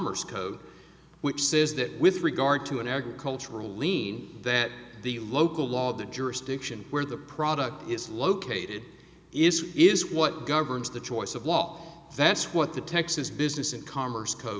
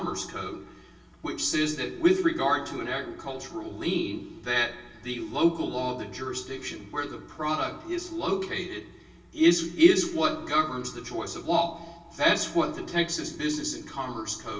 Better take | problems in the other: first | room echo; dies away in 0.3 s

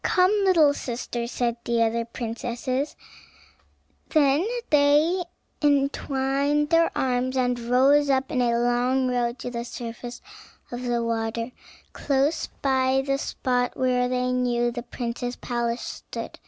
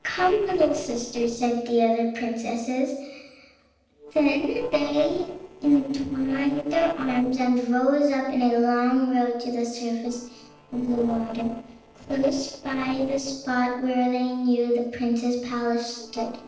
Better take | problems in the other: first | noise reduction (neural separator model SepFormer DNS4)

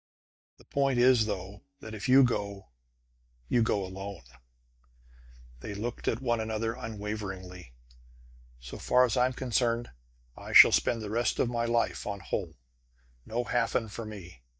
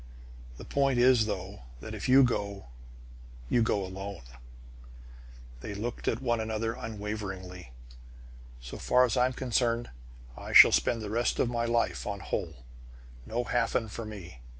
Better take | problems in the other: second | noise reduction (neural mask model DeepFilterNet 3)

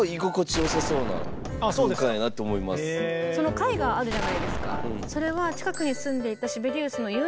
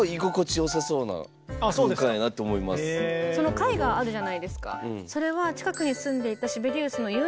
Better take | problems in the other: second | background sound (Gunshot, gunfire); 6 dB below the speech

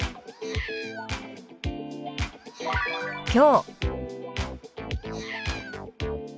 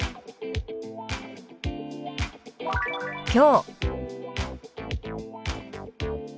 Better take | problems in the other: second | background sound (Meow); 13 dB below the speech

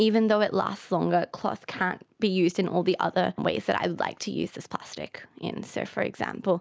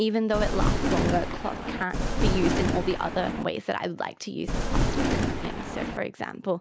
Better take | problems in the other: first | background sound (Thunder); 4 dB above the speech

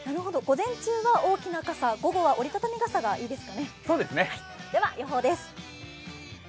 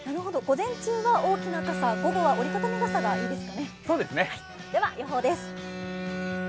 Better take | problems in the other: first | background sound (Bowed string instrument); 6 dB below the speech

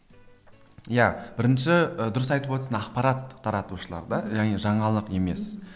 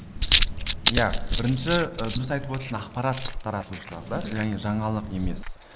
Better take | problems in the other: first | noise reduction (neural mask model Resemble Enhance denoiser)

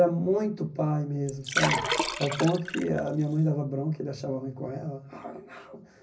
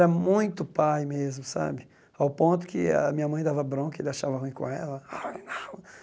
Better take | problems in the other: second | background sound (Liquid); 3 dB below the speech // room echo; dies away in 0.4 s

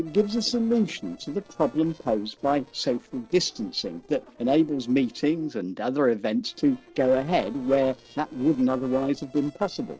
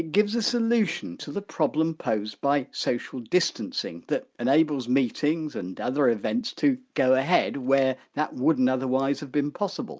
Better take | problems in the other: second | noise reduction (neural separator model SepFormer DNS4)

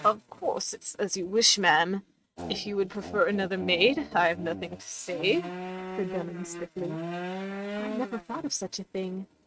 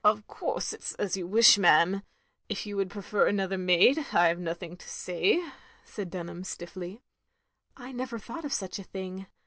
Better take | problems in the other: second | noise reduction (neural mask model RNNoise)

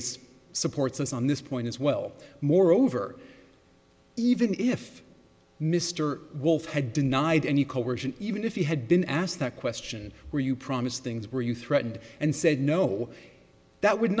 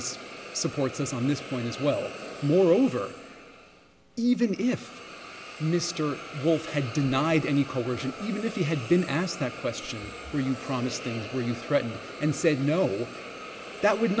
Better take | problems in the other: first | background sound (Hiss); 13 dB below the speech

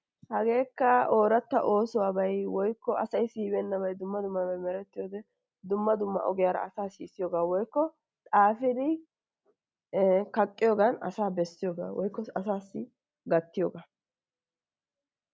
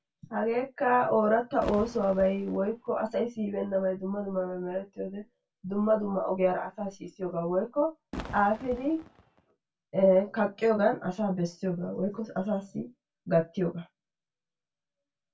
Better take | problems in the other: first | background sound (Fireworks); 14 dB below the speech // room echo; dies away in 0.1 s

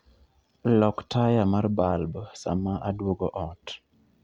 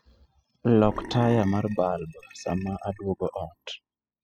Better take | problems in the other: first | noise reduction (classical method spectral subtraction)

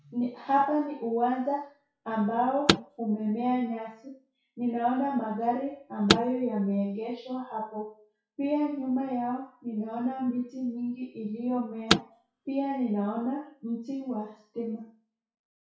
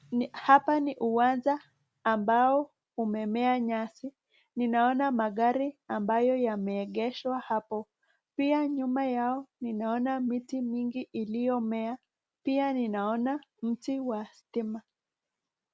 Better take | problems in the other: second | noise reduction (classical method WPE with log-MMSE)

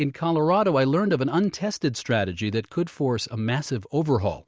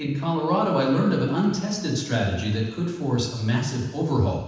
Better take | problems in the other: first | room echo; dies away in 1.1 s

